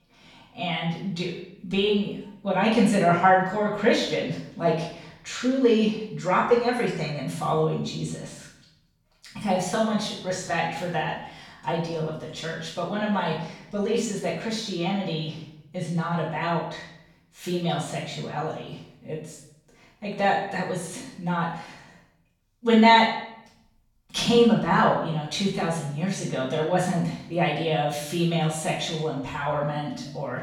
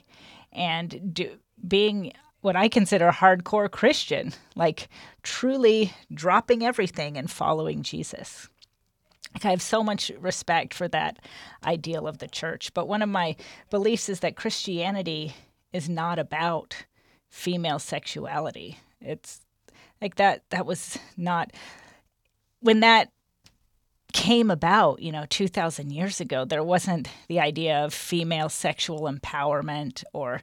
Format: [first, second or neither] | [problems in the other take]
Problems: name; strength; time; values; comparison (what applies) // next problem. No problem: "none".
second | off-mic speech; far // room echo; noticeable; dies away in 0.7 s